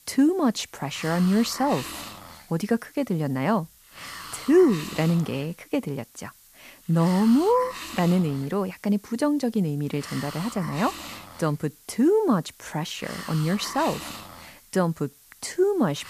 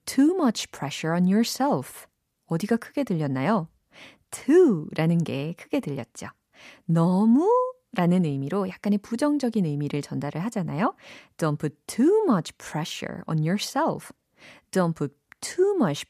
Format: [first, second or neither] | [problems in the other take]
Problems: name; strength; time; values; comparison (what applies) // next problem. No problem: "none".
second | hiss; noticeable; throughout; 15 dB below the speech